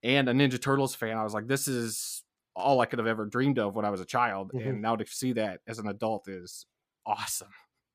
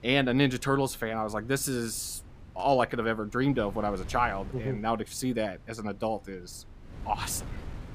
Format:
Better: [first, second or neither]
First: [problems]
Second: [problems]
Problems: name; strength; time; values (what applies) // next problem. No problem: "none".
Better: first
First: none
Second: wind noise on the microphone; occasional gusts; 25 dB below the speech